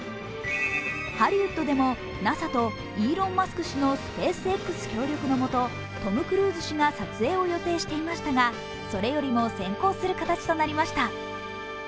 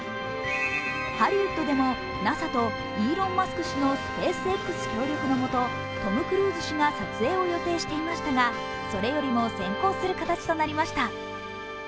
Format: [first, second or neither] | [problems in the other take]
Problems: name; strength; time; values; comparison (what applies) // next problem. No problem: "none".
first | background sound (Organ); 7 dB below the speech